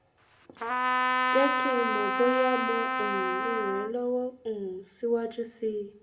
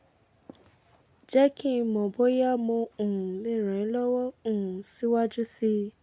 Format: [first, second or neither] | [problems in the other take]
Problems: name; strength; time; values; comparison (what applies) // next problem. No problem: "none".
second | background sound (Trumpet); 2 dB above the speech // room echo; dies away in 0.4 s